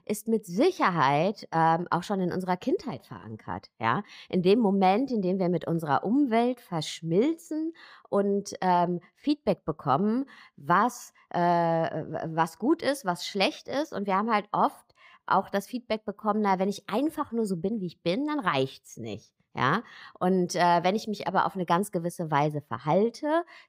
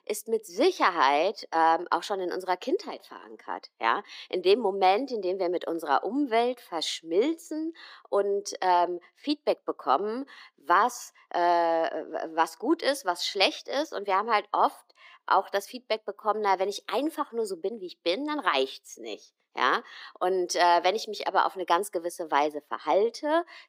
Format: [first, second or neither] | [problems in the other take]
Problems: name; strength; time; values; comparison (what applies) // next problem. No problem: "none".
first | thin; somewhat; fading below 300 Hz